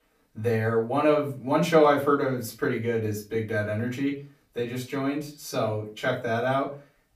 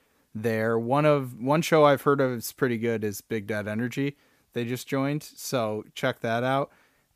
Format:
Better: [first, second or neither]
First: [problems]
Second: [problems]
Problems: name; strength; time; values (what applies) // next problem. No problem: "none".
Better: second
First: off-mic speech; far // room echo; very slight; dies away in 0.3 s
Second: none